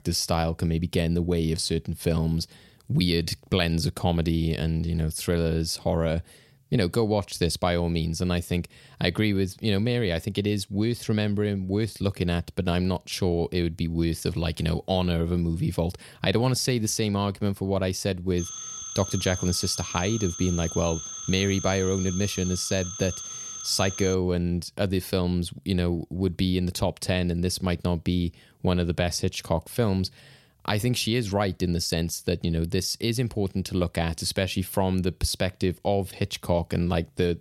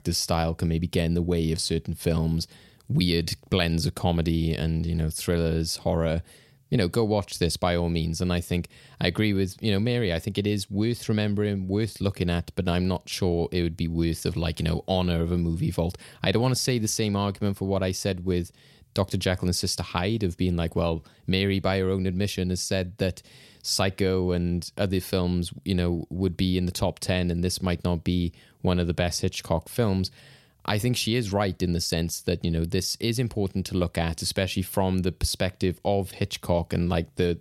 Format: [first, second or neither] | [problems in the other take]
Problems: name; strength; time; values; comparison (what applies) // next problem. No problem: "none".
second | phone ringing; noticeable; from 18 to 24 s; peak 7 dB below the speech